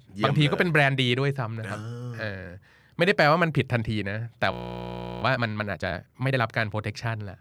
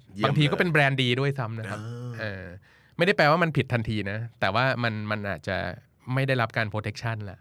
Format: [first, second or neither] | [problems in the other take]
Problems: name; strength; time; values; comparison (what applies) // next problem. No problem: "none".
second | audio freezing; at 4.5 s for 0.5 s